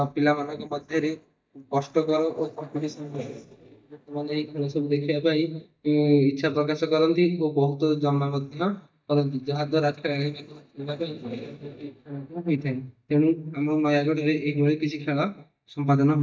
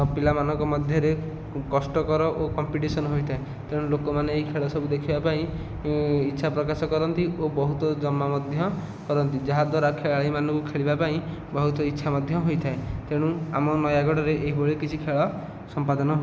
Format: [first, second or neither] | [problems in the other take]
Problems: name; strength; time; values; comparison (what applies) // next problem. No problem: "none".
second | noise reduction (neural mask model DeepFilterNet 3)